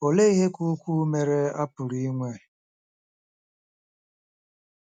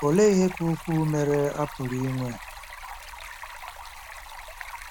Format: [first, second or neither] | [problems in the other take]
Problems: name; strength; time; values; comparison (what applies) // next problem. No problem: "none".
first | background sound (Stream); 13 dB below the speech